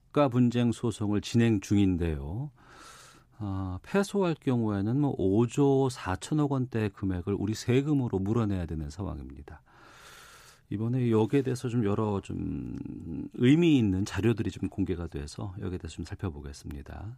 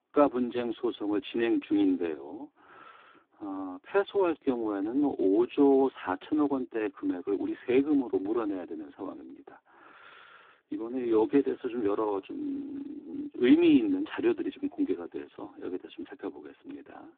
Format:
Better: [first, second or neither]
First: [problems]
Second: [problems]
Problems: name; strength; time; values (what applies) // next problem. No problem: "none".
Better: first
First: none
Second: phone-call audio; poor line